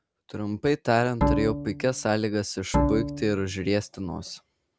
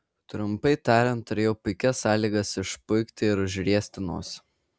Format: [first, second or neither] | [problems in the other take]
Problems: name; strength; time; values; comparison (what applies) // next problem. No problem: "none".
second | background sound (Bowed string instrument); 1 dB below the speech